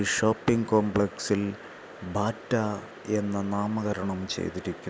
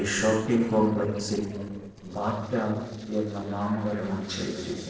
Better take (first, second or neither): first